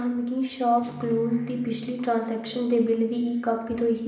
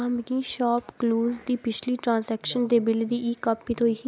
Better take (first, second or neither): second